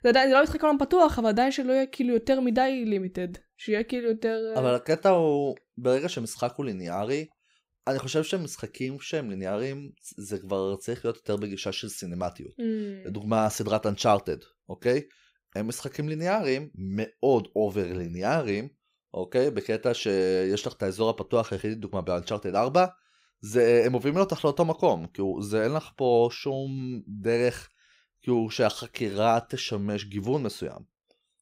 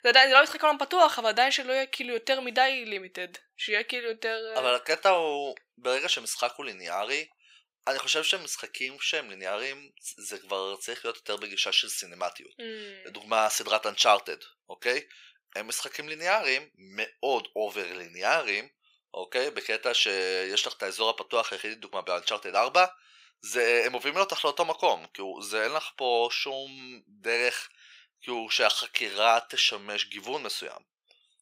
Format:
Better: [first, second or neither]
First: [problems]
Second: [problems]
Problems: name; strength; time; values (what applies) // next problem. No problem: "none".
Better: first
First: none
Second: thin; very; fading below 850 Hz